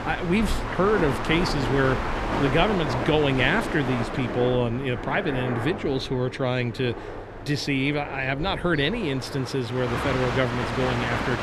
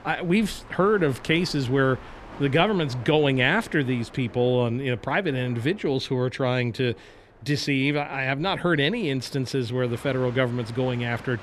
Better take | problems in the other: second | train or aircraft noise; loud; throughout; 5 dB below the speech; faint in the second

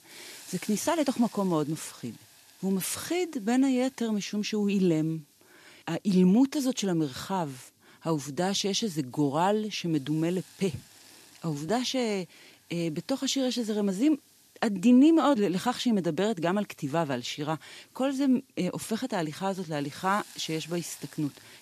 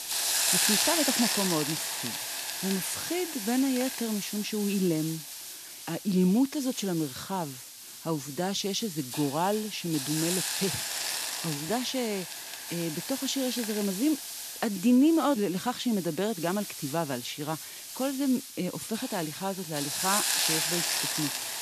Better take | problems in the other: first | hiss; loud; throughout; 1 dB below the speech; faint in the first

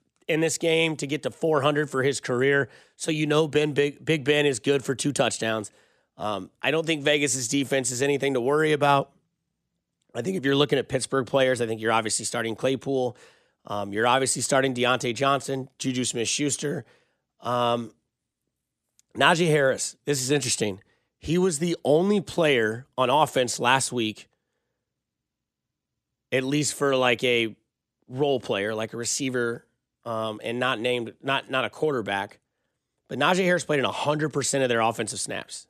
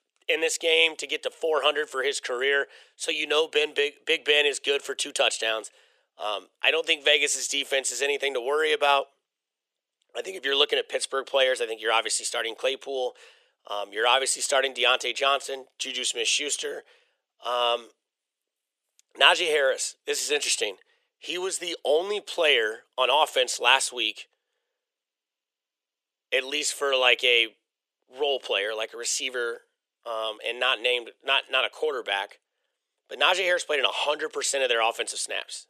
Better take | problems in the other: first | thin; very; fading below 450 Hz

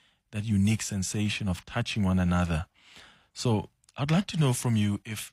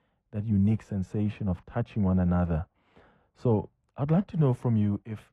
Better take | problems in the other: first | muffled; very; fading above 2 kHz

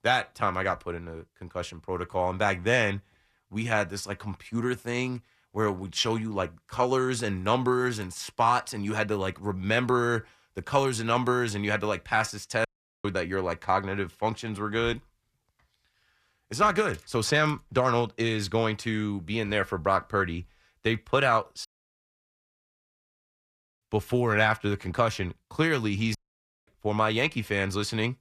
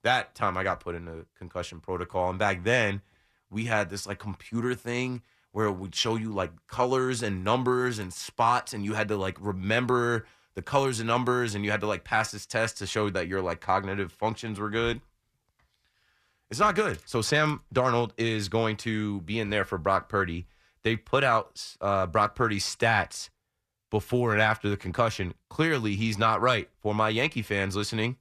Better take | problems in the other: second | audio cutting out; at 13 s, at 22 s for 2 s and at 26 s for 0.5 s

